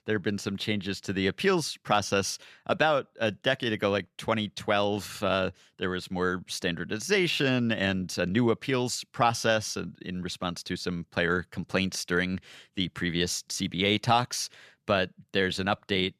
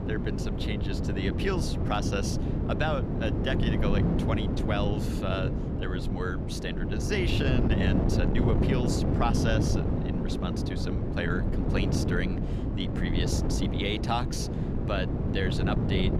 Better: first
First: none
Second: wind noise on the microphone; heavy; 2 dB below the speech

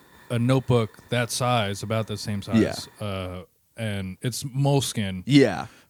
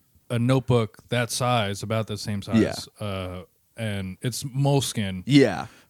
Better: second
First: hiss; faint; until 3 s; 30 dB below the speech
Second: none

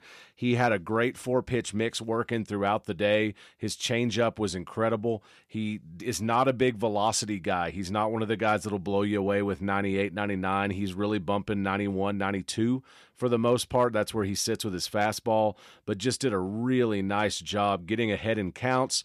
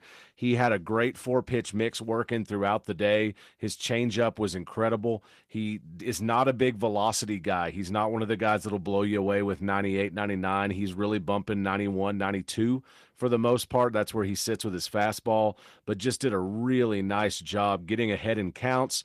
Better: first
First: none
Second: garbled, watery; slightly

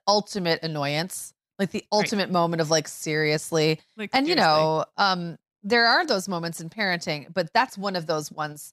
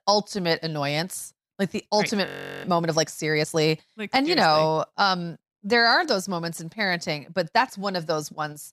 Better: first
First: none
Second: audio freezing; at 2.5 s

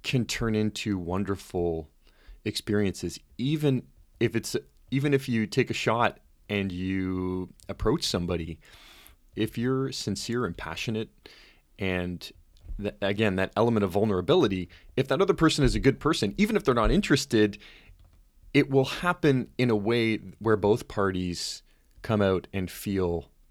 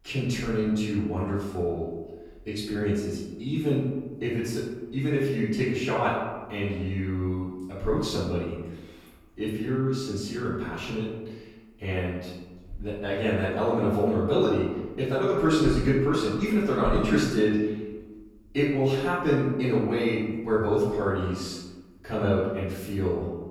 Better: first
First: none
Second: off-mic speech; far // room echo; noticeable; dies away in 1.1 s

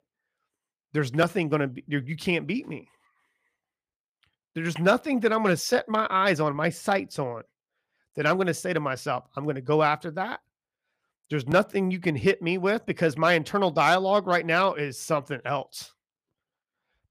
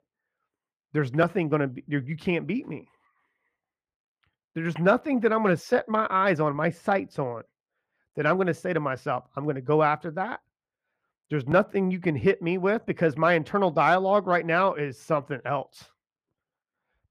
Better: first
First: none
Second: muffled; slightly; fading above 3 kHz

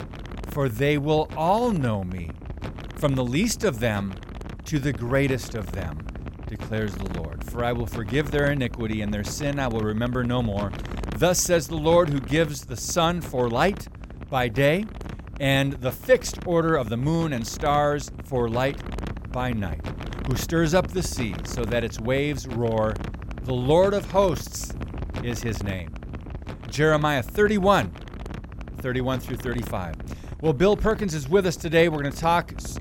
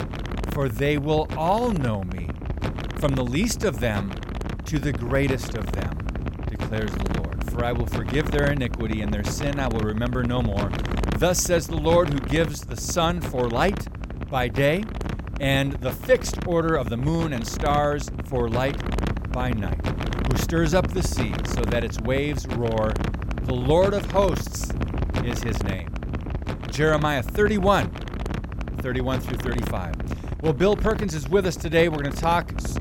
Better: first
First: wind noise on the microphone; occasional gusts; 15 dB below the speech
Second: wind noise on the microphone; heavy; 10 dB below the speech

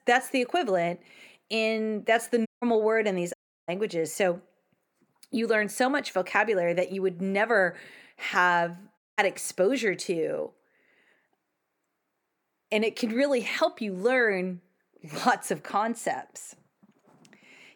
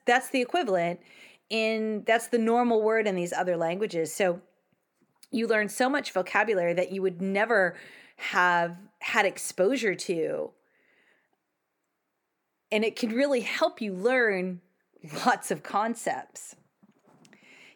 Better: second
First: audio cutting out; at 2.5 s, at 3.5 s and at 9 s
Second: none

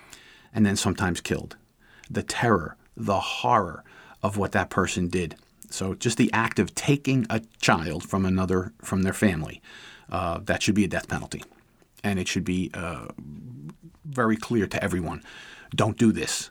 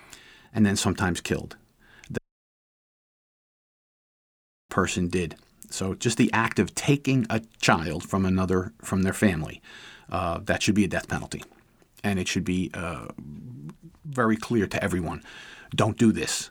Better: first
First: none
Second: audio cutting out; at 2 s for 2.5 s

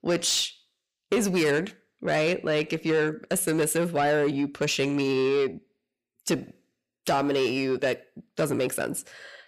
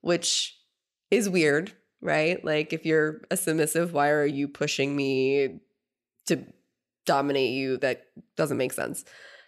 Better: second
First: distortion; slight; 10 dB below the speech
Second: none

